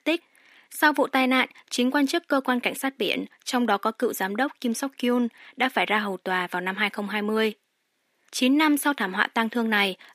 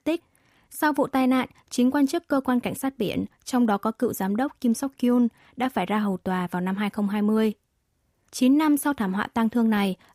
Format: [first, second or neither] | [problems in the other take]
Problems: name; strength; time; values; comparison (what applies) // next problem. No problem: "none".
second | thin; very slightly; fading below 250 Hz